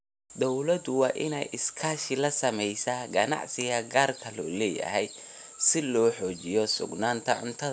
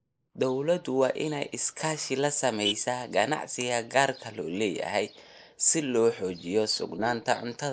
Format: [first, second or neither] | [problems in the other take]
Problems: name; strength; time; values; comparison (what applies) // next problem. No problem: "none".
first | noise reduction (neural mask model Resemble Enhance denoiser)